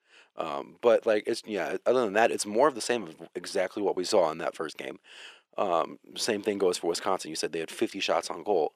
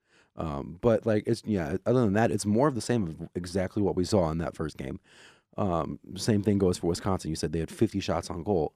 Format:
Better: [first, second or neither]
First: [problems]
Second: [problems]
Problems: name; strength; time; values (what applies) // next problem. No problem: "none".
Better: second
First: thin; somewhat; fading below 500 Hz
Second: none